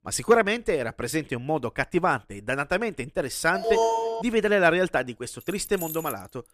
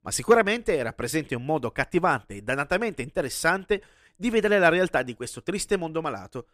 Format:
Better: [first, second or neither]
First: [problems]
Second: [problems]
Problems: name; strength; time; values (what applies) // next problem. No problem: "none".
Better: second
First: alarm; loud; at 3.5 s; peak 2 dB above the speech // jangling keys; noticeable; at 5.5 s; peak 9 dB below the speech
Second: none